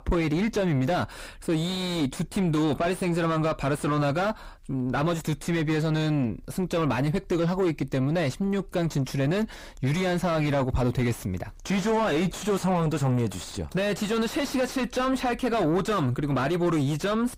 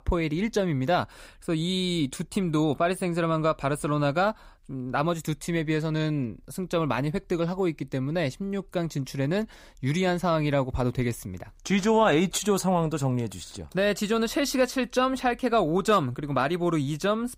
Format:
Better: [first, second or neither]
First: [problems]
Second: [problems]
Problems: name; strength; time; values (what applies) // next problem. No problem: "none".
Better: second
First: distortion; heavy; 5 dB below the speech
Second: none